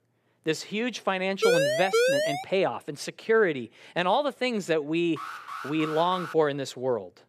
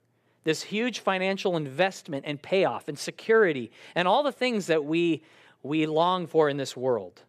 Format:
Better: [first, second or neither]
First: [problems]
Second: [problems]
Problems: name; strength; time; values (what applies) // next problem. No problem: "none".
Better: second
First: siren; loud; from 1.5 to 2.5 s; peak 5 dB above the speech // alarm; noticeable; from 5 to 6.5 s; peak 9 dB below the speech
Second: none